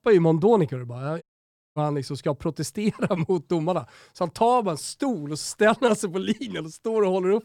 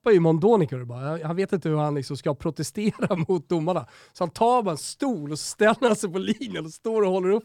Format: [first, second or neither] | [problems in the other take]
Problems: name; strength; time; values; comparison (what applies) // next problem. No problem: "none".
second | audio cutting out; at 1 s for 0.5 s